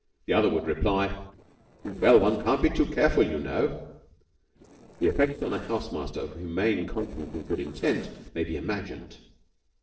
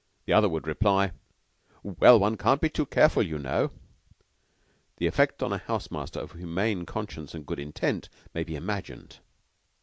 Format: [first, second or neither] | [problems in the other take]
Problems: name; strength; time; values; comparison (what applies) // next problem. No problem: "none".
second | noise reduction (neural separator model SepFormer DNS4)